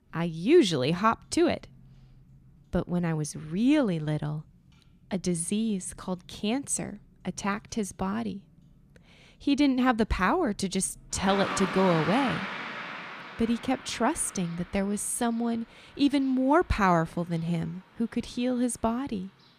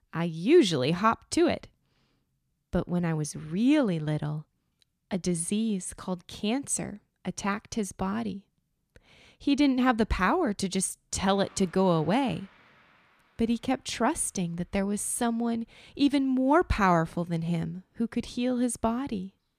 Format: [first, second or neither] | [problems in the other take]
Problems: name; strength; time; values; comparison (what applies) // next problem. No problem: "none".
second | traffic noise; loud; throughout; 8 dB below the speech; faint in the second